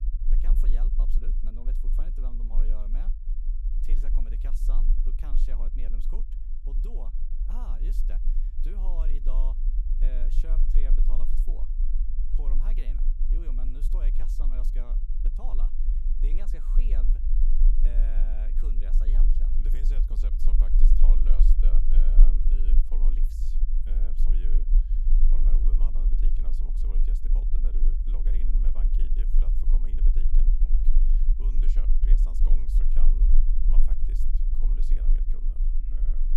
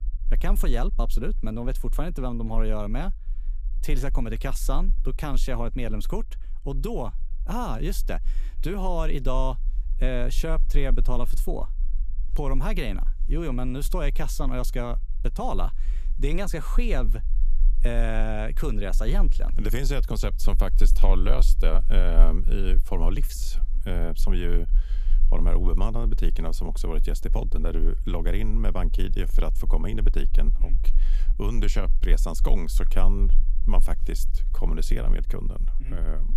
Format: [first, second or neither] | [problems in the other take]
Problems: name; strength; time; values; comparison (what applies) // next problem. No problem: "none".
second | low rumble; loud; throughout; 2 dB below the speech; faint in the second